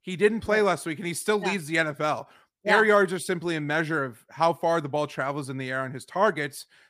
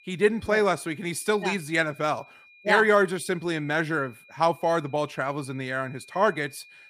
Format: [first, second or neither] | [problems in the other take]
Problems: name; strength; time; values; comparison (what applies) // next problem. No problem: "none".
first | high-pitched whine; faint; throughout; 2.5 kHz, 25 dB below the speech